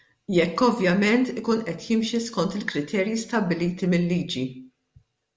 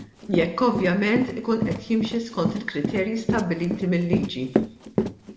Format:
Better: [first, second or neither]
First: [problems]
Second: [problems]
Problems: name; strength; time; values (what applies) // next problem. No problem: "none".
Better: first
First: none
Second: background sound (Run); 4 dB below the speech // room echo; dies away in 1.2 s